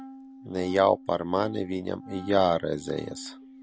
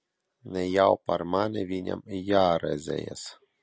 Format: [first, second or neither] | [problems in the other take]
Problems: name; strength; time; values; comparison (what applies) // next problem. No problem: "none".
second | background sound (Wind instrument, woodwind instrument); 16 dB below the speech